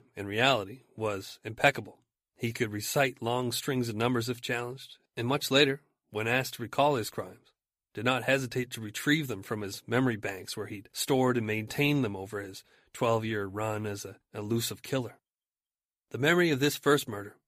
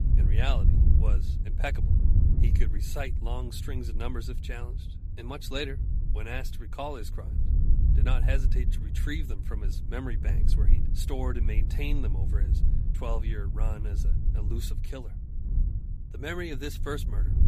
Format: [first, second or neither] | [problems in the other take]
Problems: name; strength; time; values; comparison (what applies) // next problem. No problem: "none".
first | wind noise on the microphone; heavy; 8 dB below the speech